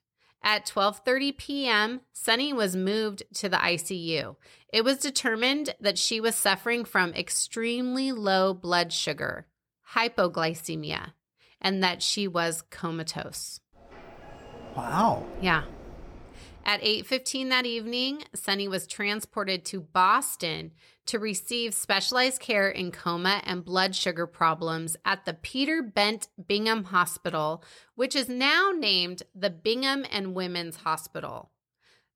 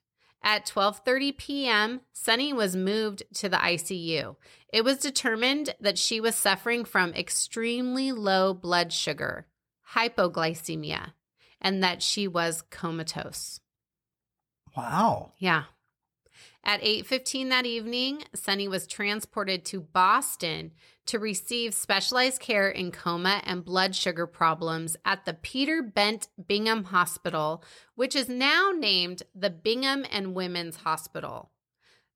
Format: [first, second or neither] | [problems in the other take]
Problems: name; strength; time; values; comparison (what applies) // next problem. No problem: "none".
second | door banging; faint; from 14 to 17 s; peak 15 dB below the speech